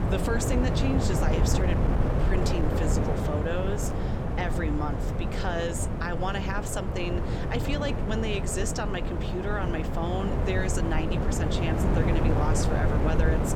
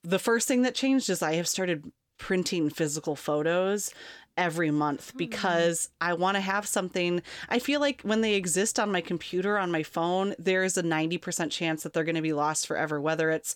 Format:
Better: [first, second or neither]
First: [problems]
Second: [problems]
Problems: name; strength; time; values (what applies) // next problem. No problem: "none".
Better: second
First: wind noise on the microphone; heavy; as loud as the speech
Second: none